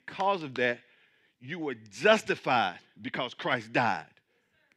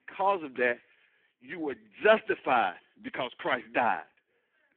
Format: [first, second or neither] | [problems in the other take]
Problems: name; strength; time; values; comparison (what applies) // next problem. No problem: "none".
first | phone-call audio; poor line